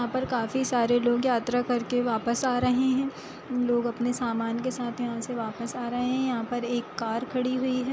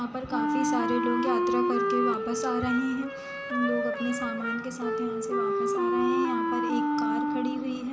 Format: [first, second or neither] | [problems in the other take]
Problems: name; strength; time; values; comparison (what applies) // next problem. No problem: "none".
first | background sound (Wind instrument, woodwind instrument); 3 dB above the speech // room echo; dies away in 0.4 s